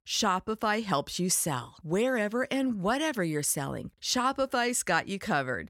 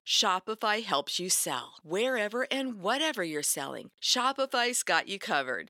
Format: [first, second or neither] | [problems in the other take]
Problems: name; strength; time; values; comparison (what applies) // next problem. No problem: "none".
first | thin; very slightly; fading below 300 Hz